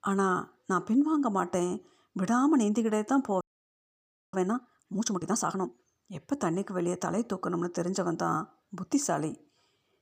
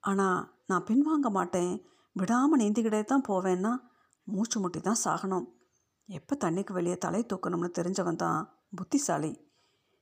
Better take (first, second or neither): second